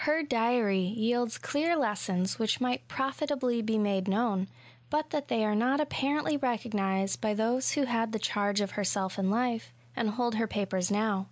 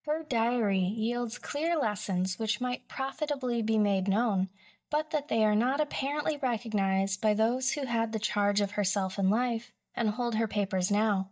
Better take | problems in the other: first | noise reduction (neural mask model DeepFilterNet 3)

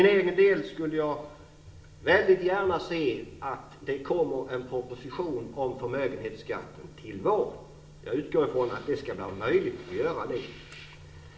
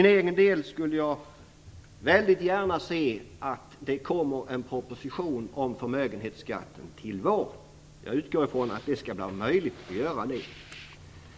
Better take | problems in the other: second | room echo; dies away in 1.3 s

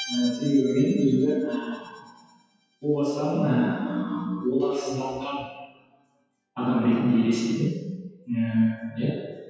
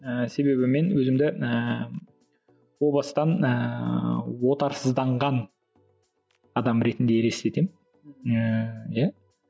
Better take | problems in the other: second | noise reduction (classical method WPE with log-MMSE)

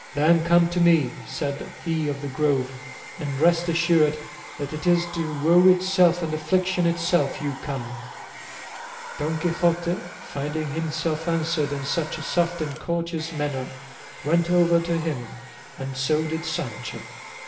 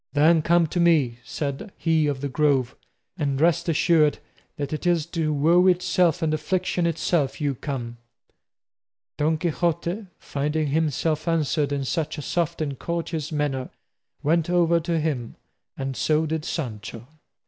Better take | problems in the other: second | background sound (Domestic sounds, home sounds); 15 dB below the speech // room echo; dies away in 0.7 s

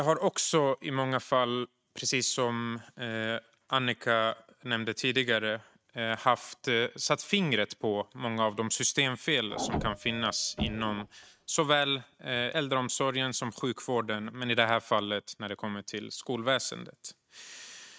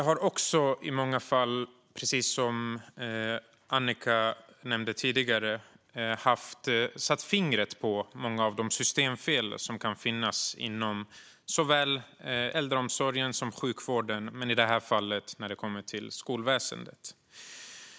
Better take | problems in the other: second | noise reduction (neural mask model RNNoise)

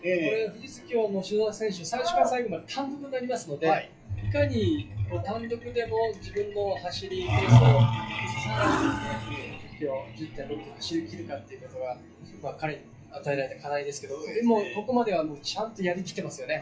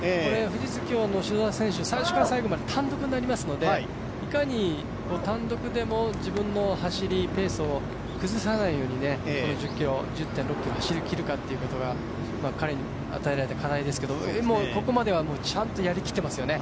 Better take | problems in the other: second | noise reduction (classical method WPE with log-MMSE)

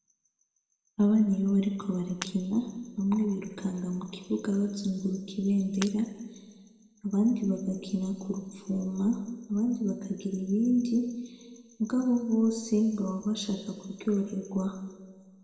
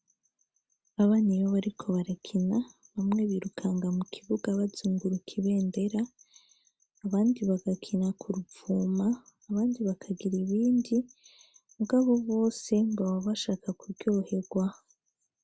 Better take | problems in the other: second | background sound (Shatter); 18 dB below the speech // room echo; dies away in 1.6 s

